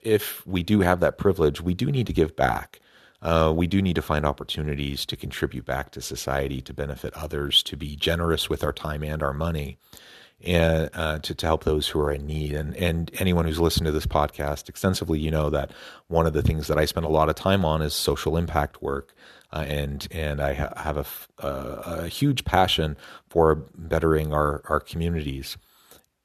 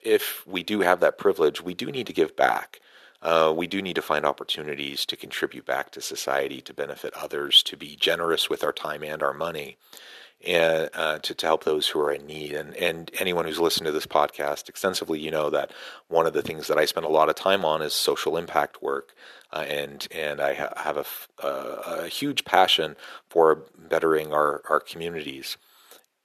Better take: first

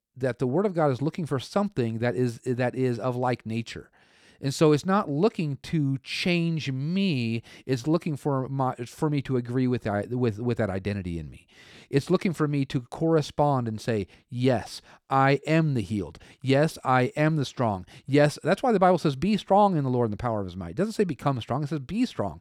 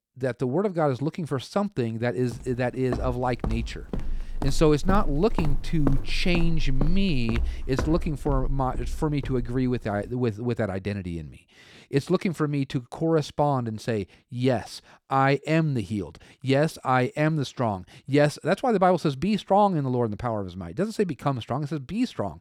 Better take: first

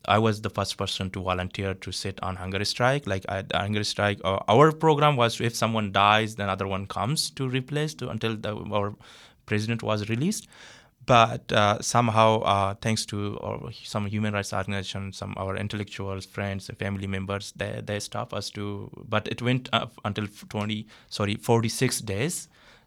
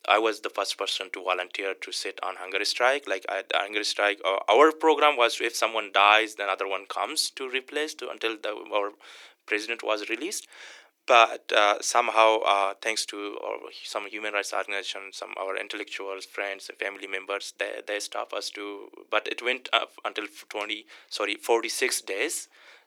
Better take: first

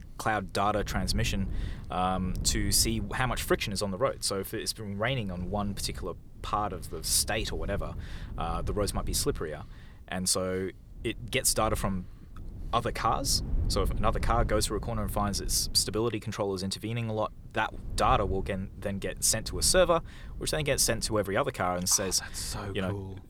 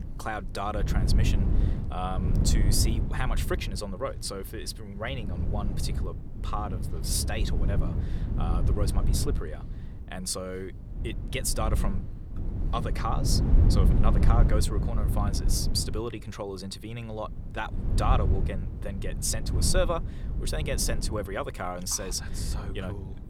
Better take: first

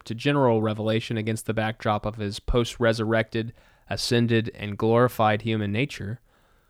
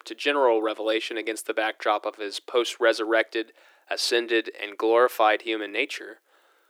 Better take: first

